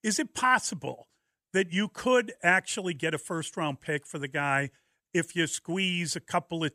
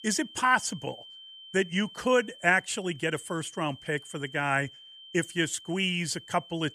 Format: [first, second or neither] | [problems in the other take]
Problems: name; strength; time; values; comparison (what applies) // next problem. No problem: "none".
first | high-pitched whine; noticeable; throughout; 3 kHz, 20 dB below the speech